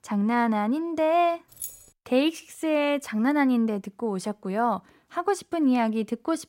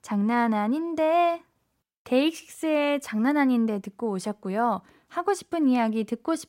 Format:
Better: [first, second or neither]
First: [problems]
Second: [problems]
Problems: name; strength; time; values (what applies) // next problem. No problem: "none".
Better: second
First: jangling keys; faint; at 1.5 s; peak 10 dB below the speech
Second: none